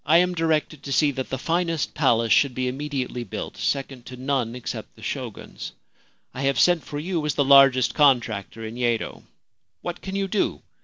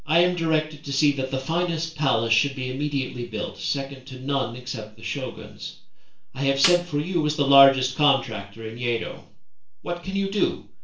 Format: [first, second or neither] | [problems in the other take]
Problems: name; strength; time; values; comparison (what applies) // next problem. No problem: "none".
first | background sound (Snare drum); 9 dB below the speech // room echo; dies away in 0.3 s